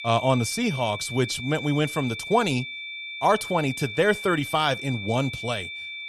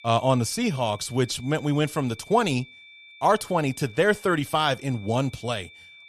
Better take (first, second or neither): second